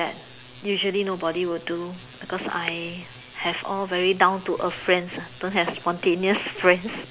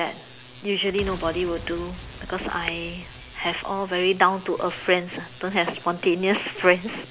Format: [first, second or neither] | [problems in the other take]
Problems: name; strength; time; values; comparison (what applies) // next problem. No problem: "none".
first | background sound (Boom); 15 dB below the speech